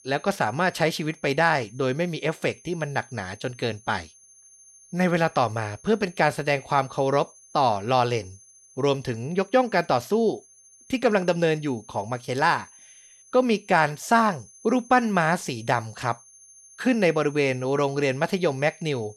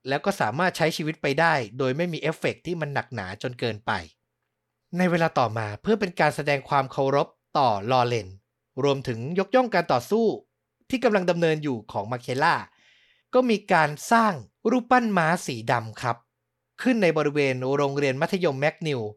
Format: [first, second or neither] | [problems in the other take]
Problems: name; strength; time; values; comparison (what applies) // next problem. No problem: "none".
second | high-pitched whine; faint; throughout; 6.5 kHz, 25 dB below the speech